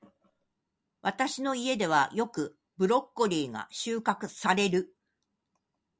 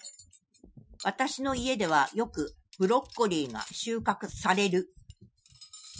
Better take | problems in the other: first | noise reduction (classical method Wiener filter)

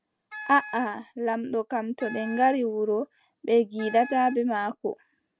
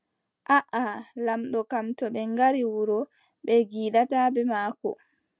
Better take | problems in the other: second | background sound (Wind instrument, woodwind instrument); 16 dB below the speech

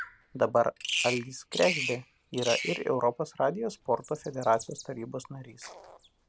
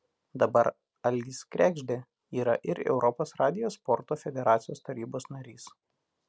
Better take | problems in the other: second | background sound (Bird vocalization, bird call, bird song); 8 dB below the speech

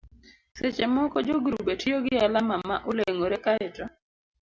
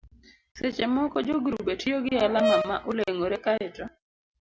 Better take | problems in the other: first | background sound (Brass instrument); 1 dB below the speech

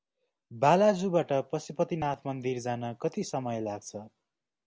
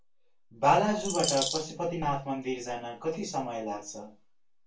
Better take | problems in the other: first | background sound (Bird vocalization, bird call, bird song); 2 dB below the speech // room echo; dies away in 0.2 s

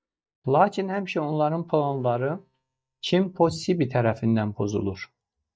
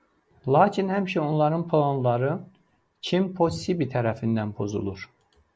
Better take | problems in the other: second | noise reduction (neural mask model DeepFilterNet 3)

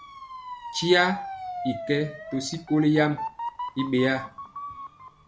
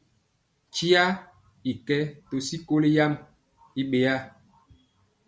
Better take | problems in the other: second | background sound (Motor vehicle (road) / Siren); 10 dB below the speech

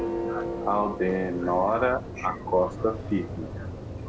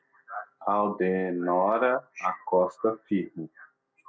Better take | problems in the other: second | background sound (Church bell); 6 dB below the speech

